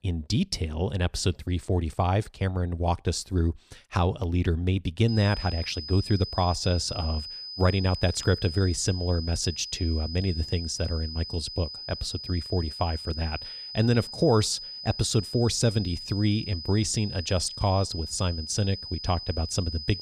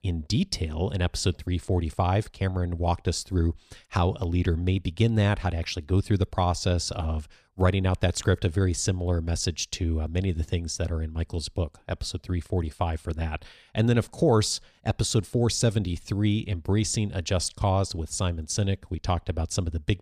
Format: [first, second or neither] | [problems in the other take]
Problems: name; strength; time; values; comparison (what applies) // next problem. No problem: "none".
second | high-pitched whine; loud; from 5 s on; 5 kHz, 9 dB below the speech